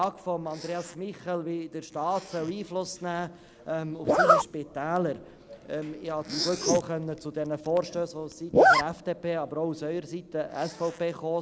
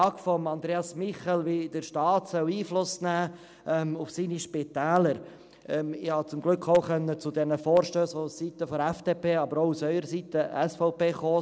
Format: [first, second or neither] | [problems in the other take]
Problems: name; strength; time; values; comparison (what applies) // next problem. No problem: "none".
second | background sound (Zipper (clothing)); 1 dB above the speech